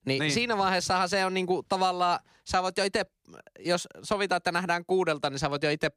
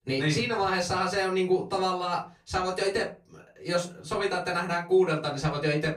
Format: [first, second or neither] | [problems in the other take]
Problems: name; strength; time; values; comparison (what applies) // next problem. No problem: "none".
first | off-mic speech; far // room echo; very slight; dies away in 0.3 s